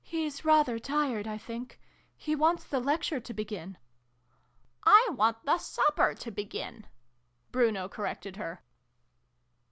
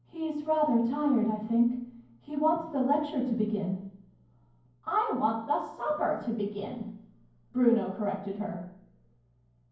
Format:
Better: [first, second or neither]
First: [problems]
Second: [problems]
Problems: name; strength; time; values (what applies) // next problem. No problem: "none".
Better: first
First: none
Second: room echo; dies away in 0.9 s